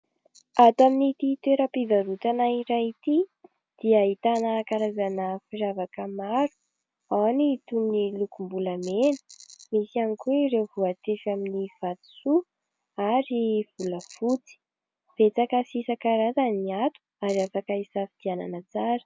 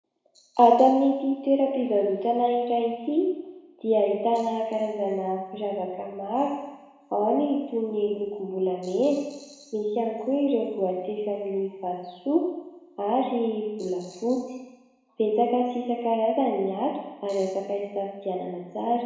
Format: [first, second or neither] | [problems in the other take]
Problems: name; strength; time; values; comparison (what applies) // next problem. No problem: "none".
first | room echo; dies away in 1 s